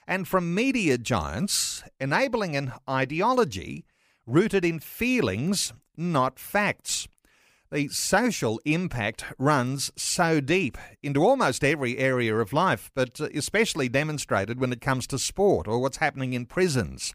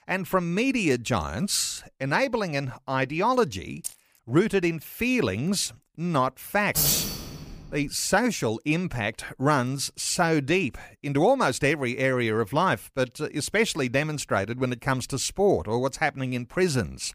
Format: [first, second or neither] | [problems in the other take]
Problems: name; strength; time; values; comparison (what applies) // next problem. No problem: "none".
first | jangling keys; faint; at 4 s; peak 10 dB below the speech // jangling keys; loud; from 7 to 8 s; peak 4 dB above the speech